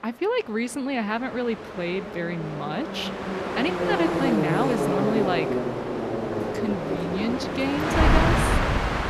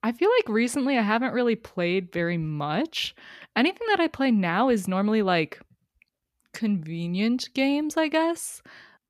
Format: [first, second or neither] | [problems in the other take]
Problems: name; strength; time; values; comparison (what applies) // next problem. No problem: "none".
second | train or aircraft noise; very loud; throughout; 2 dB above the speech